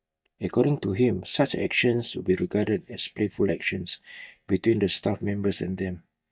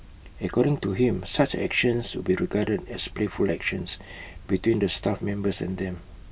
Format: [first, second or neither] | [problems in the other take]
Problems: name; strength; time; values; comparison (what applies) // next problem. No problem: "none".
second | noise reduction (neural mask model DeepFilterNet 3)